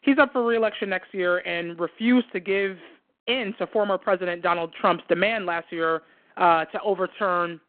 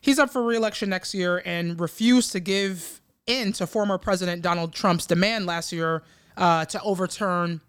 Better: second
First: phone-call audio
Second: none

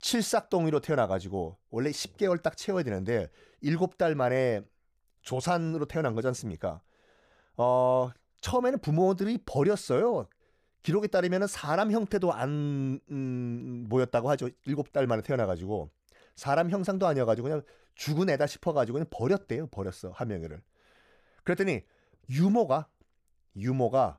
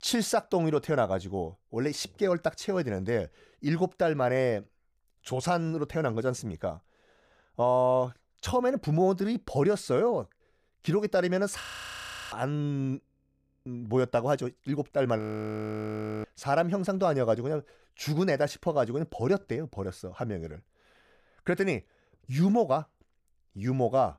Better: first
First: none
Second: audio freezing; at 12 s for 0.5 s, at 13 s for 0.5 s and at 15 s for 1 s

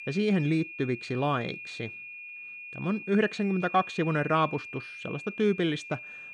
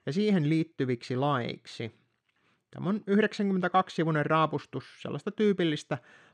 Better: second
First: high-pitched whine; noticeable; throughout; 2.5 kHz, 10 dB below the speech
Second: none

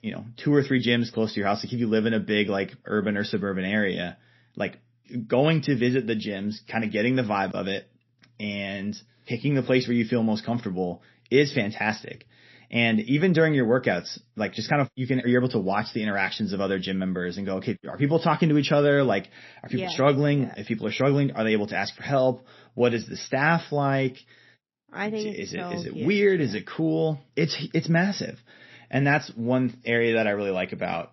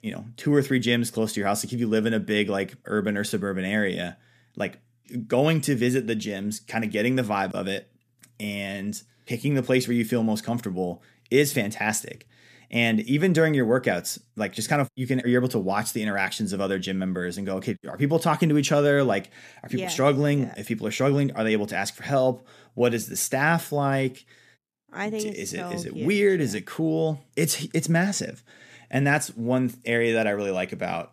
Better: second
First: garbled, watery; slightly; nothing above 5.5 kHz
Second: none

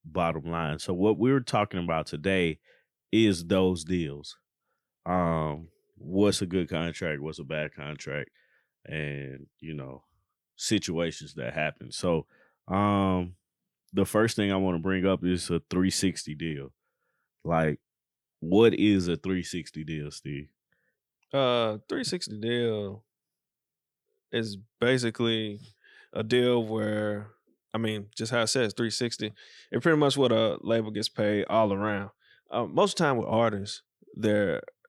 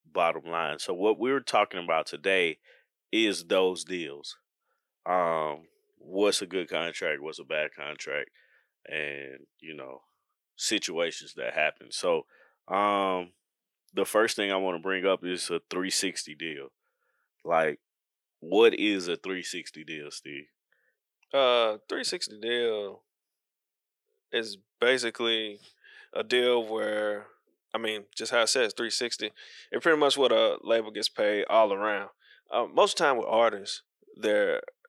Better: first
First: none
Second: thin; somewhat; fading below 500 Hz

